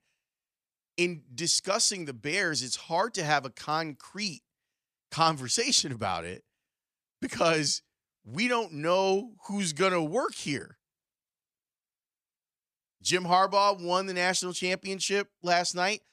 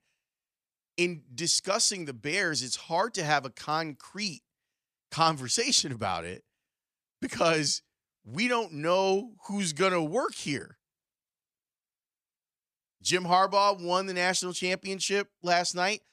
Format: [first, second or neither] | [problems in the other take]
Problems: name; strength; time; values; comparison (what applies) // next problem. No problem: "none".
neither | none